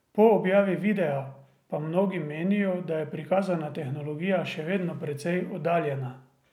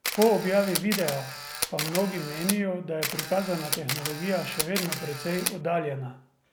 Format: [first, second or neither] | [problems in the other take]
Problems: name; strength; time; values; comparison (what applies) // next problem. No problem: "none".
first | background sound (Camera); 5 dB below the speech